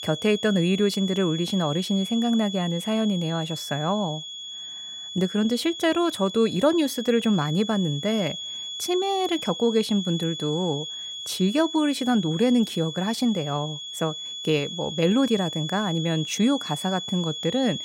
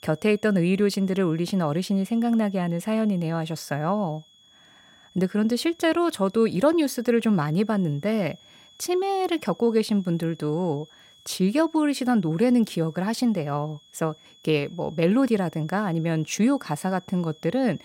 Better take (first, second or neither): second